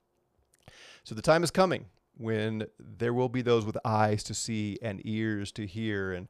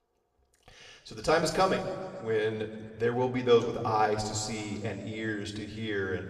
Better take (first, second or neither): first